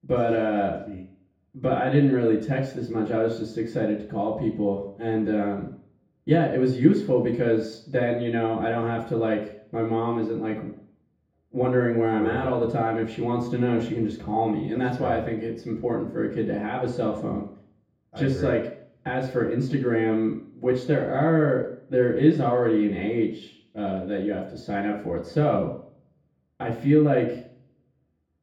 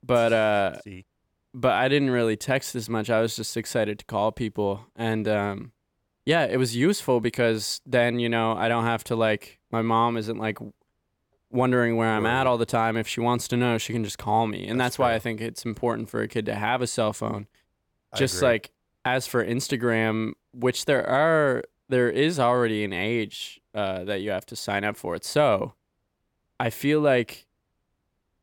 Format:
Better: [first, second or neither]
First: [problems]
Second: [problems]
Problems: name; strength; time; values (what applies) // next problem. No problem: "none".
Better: second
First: room echo; noticeable; dies away in 0.6 s // off-mic speech; far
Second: none